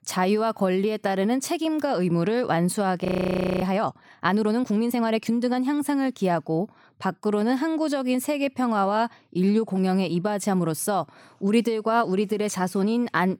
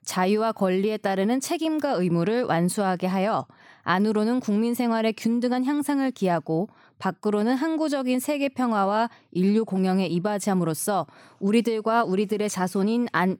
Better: second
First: audio freezing; at 3 s for 0.5 s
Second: none

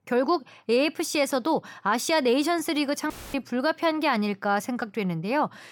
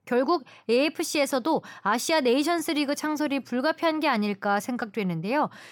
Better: second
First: audio cutting out; filled with static; at 3 s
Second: none

